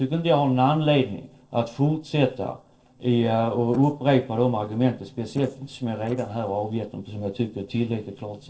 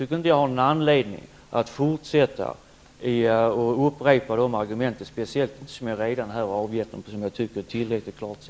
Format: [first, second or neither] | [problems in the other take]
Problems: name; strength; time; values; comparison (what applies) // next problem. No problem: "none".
second | noise reduction (neural separator model SepFormer DNS4)